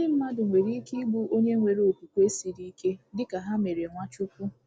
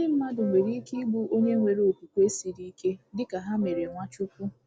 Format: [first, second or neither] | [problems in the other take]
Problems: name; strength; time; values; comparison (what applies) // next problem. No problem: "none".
first | background sound (Wind instrument, woodwind instrument); 11 dB below the speech